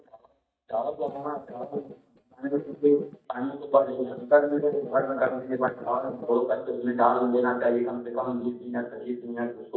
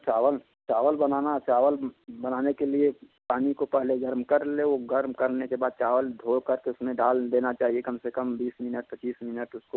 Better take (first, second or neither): second